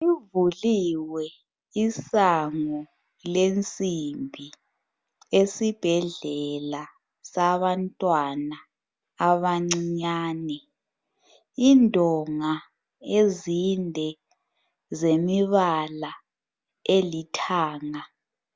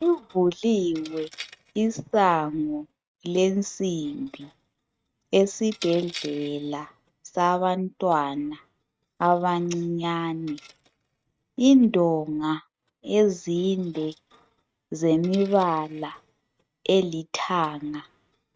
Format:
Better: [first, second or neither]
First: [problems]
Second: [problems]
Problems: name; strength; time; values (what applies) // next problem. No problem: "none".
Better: first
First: none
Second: noise reduction (neural mask model RNNoise)